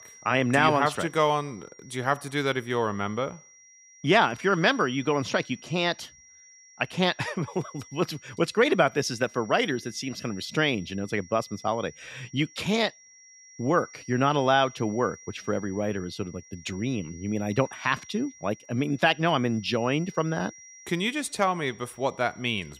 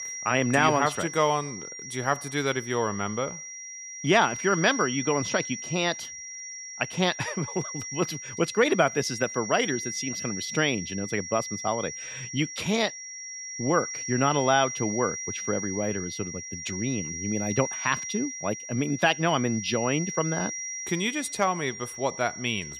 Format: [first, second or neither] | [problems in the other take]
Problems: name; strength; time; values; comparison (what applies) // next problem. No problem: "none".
first | high-pitched whine; loud; throughout; 5.5 kHz, 7 dB below the speech; faint in the first